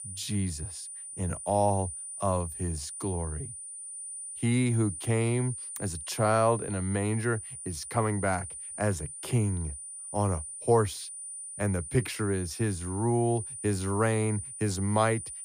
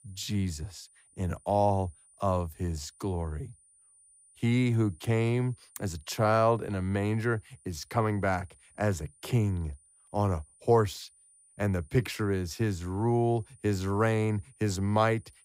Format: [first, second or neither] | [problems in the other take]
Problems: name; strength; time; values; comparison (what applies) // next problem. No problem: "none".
second | high-pitched whine; loud; throughout; 9.5 kHz, 8 dB below the speech; faint in the second